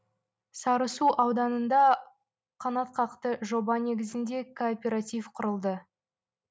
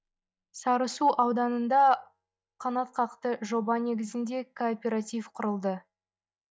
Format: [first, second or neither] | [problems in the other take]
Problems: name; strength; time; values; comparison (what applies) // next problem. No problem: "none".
first | noise reduction (neural mask model DeepFilterNet 3)